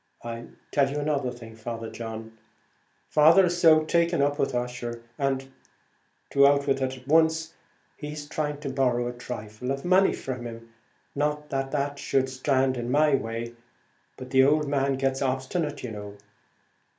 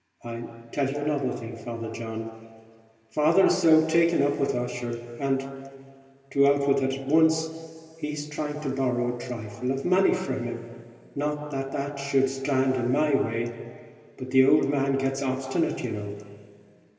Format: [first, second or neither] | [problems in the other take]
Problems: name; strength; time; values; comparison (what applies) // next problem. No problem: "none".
first | room echo; dies away in 2.5 s